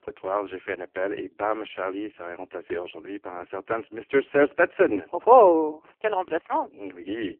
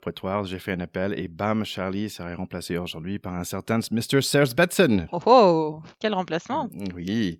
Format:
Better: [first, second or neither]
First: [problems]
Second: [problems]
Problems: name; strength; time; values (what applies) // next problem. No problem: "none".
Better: second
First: phone-call audio; poor line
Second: none